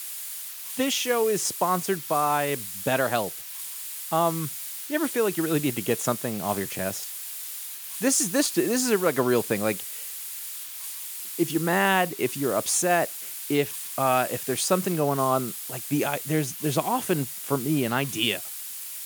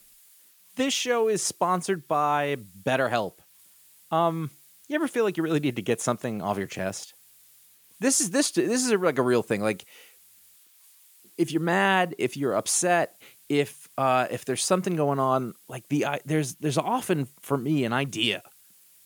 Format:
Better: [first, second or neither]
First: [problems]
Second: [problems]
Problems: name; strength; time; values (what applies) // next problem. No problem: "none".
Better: second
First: hiss; loud; throughout; 7 dB below the speech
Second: hiss; faint; throughout; 25 dB below the speech